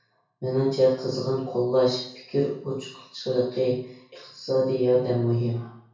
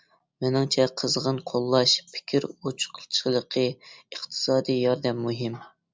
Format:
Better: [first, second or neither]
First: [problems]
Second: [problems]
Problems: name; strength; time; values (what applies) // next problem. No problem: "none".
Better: second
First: room echo; dies away in 0.6 s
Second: none